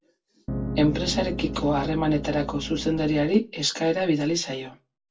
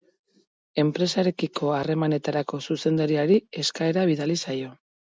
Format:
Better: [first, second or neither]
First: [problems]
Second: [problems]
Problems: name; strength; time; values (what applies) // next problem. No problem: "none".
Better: second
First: background sound (Piano); 7 dB below the speech // room echo; dies away in 0.2 s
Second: none